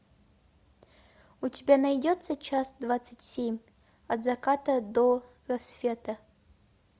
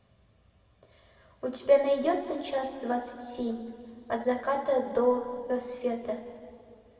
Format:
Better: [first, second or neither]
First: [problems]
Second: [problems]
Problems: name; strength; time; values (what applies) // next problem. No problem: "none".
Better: first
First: none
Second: room echo; dies away in 2.1 s